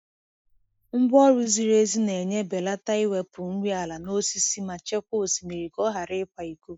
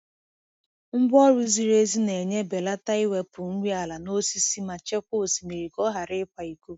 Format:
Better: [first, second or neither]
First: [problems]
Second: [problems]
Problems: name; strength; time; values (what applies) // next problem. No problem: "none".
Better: second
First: noise reduction (neural mask model Resemble Enhance denoiser)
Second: none